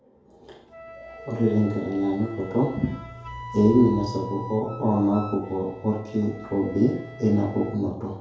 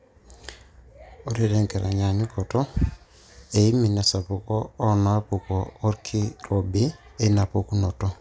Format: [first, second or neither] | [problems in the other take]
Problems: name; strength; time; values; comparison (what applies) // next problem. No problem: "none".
second | background sound (Wind instrument, woodwind instrument); 17 dB below the speech // room echo; dies away in 2.3 s